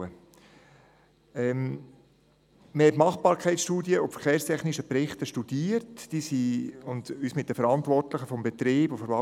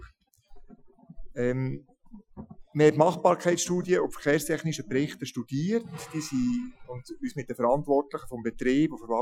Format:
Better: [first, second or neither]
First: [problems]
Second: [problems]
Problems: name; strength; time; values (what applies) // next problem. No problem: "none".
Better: first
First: none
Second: noise reduction (classical method Wiener filter)